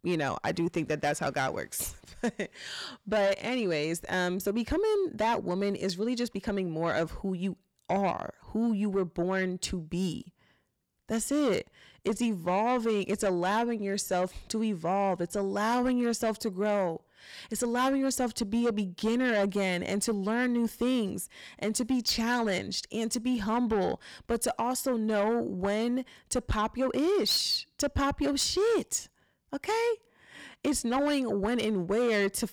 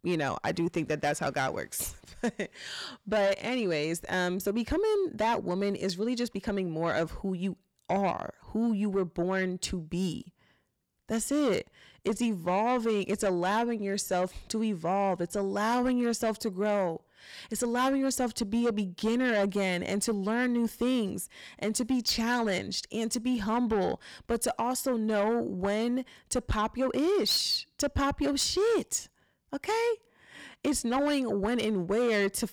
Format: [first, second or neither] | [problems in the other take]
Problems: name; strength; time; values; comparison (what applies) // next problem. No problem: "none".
neither | distortion; slight; 10 dB below the speech; the same in both